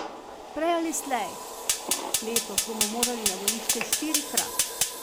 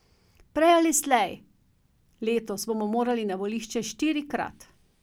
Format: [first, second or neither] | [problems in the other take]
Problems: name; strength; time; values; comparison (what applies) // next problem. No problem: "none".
second | background sound (Fire); 3 dB above the speech